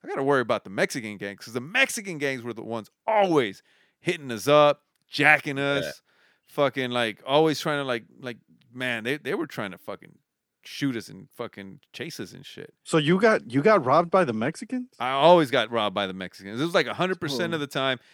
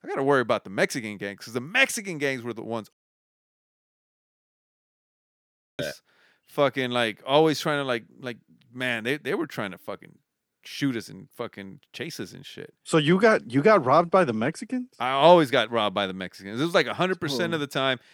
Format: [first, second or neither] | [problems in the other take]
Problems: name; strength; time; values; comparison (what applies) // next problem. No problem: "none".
first | audio cutting out; at 3 s for 3 s